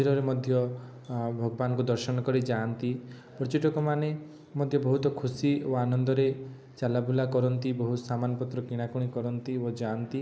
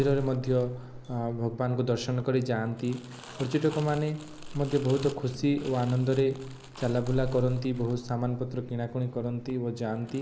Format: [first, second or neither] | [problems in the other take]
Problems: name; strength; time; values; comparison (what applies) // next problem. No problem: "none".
first | background sound (Crumpling, crinkling); 15 dB below the speech